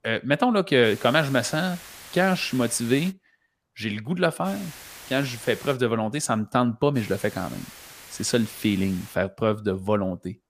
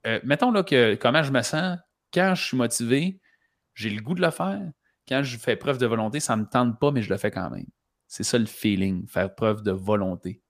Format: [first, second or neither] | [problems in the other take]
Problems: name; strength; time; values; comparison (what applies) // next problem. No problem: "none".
second | hiss; noticeable; from 1 to 3 s, from 4.5 to 5.5 s and from 7 to 9 s; 15 dB below the speech